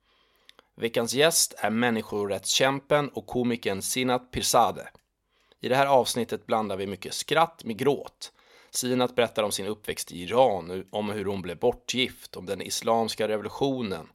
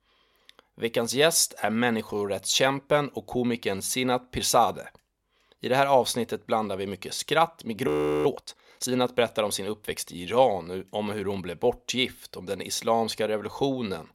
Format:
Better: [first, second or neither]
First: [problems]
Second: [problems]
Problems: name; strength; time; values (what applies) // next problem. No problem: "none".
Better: first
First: none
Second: audio freezing; at 8 s